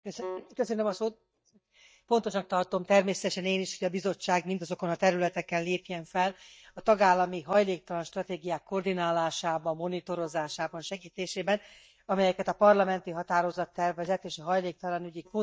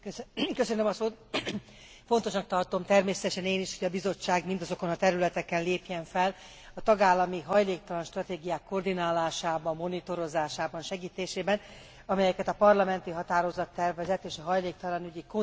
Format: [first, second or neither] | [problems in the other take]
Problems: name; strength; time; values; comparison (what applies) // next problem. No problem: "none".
second | noise reduction (neural mask model DeepFilterNet 3)